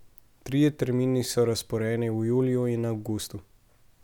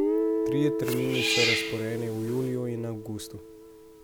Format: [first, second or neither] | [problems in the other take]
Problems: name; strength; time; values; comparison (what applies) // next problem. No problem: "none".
first | background sound (Guitar + Cat); 2 dB above the speech